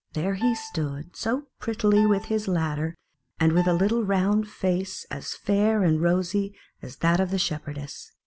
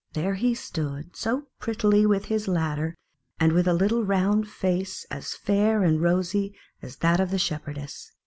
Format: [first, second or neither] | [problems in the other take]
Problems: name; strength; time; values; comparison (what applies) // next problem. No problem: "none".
second | background sound (Piano); 17 dB below the speech